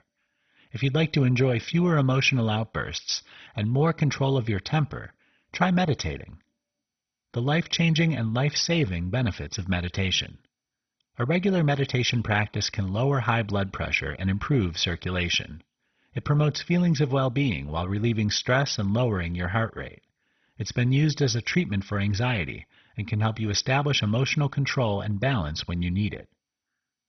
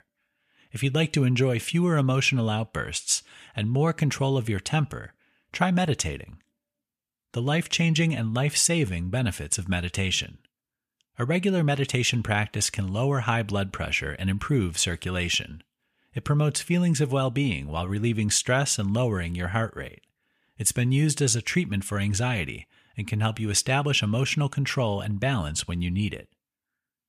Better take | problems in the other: second | garbled, watery; badly; nothing above 6 kHz

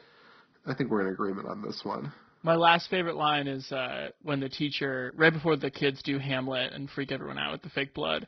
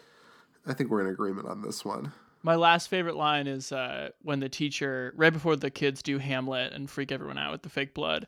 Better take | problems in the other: second | garbled, watery; badly; nothing above 5.5 kHz

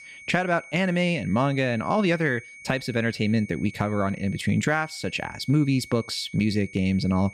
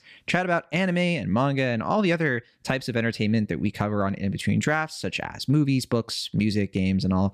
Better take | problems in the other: second | high-pitched whine; noticeable; throughout; 2 kHz, 20 dB below the speech

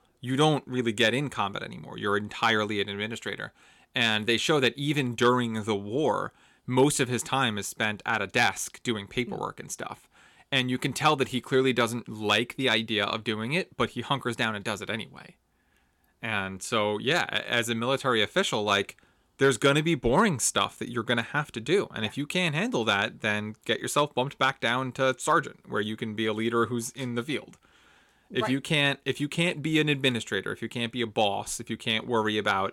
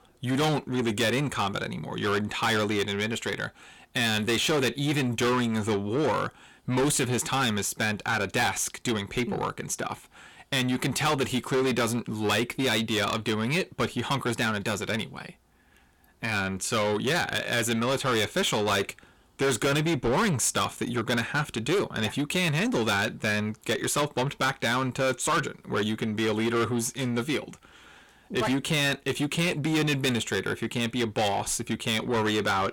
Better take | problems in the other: first | distortion; heavy; 6 dB below the speech

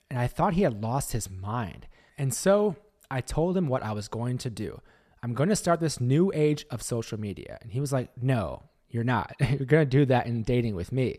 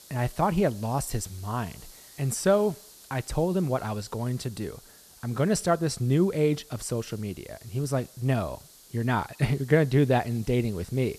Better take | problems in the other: first | hiss; faint; throughout; 20 dB below the speech

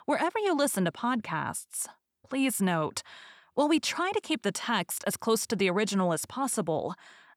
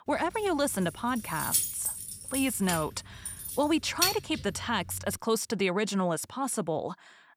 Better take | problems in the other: first | jangling keys; loud; from 1.5 to 5 s; peak 4 dB above the speech

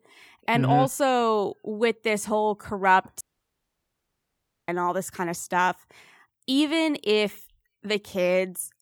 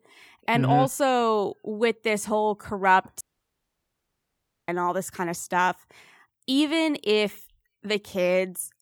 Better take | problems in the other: neither | audio cutting out; at 3 s for 1.5 s; the same in both

